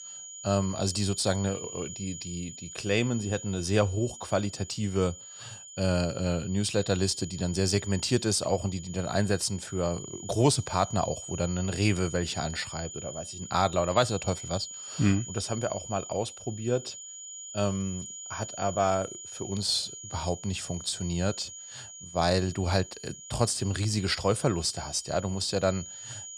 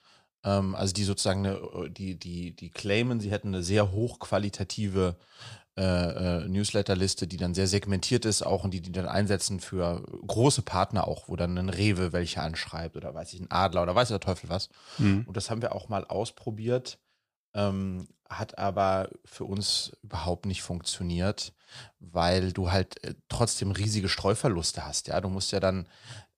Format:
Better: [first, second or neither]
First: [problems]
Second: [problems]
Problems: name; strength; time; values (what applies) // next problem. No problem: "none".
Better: second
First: high-pitched whine; noticeable; throughout; 7 kHz, 10 dB below the speech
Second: none